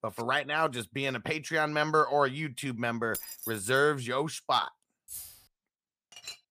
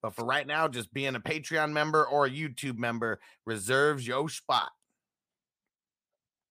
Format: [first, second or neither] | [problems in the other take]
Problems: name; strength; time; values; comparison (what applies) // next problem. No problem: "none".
second | jangling keys; noticeable; at 3 s; peak 8 dB below the speech // jangling keys; faint; at 5 s; peak 10 dB below the speech // clattering dishes; faint; at 6 s; peak 15 dB below the speech